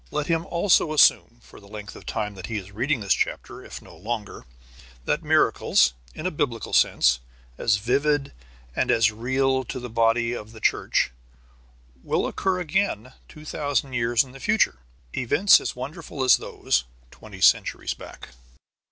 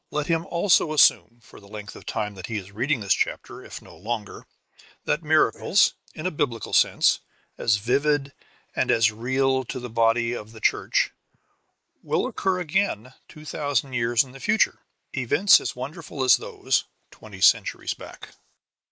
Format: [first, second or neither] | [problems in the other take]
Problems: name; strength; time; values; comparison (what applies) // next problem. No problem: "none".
first | noise reduction (neural mask model Resemble Enhance denoiser)